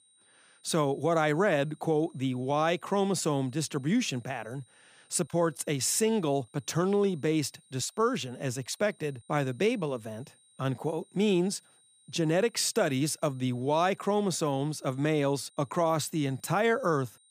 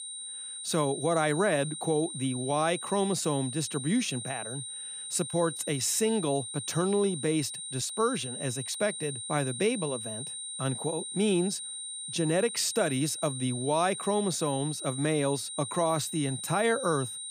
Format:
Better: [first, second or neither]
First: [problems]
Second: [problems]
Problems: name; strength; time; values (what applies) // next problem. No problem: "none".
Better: first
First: high-pitched whine; faint; throughout; 9 kHz, 30 dB below the speech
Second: high-pitched whine; loud; throughout; 9 kHz, 7 dB below the speech